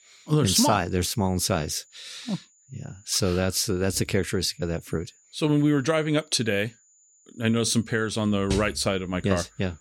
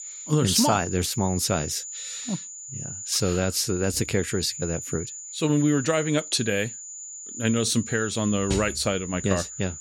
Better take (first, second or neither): first